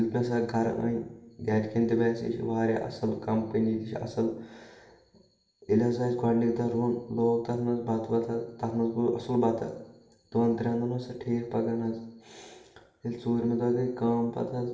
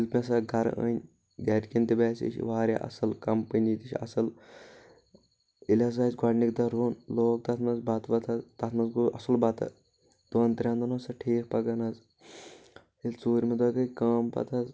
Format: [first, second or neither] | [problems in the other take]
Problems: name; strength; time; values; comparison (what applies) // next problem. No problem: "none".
second | room echo; dies away in 0.8 s